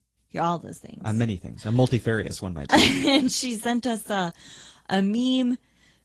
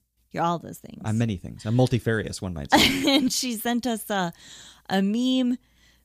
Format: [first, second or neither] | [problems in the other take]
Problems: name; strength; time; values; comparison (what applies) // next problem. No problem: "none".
second | garbled, watery; slightly